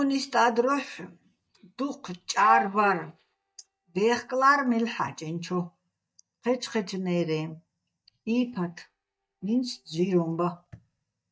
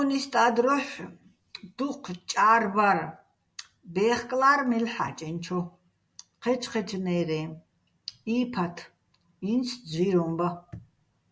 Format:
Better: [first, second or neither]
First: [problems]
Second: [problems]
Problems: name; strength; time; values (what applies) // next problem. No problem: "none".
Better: second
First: noise reduction (neural mask model DeepFilterNet 3)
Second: none